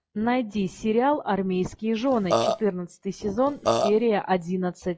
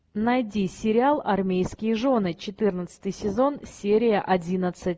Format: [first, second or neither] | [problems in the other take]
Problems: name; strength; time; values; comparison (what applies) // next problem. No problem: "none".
second | noise reduction (classical method log-MMSE)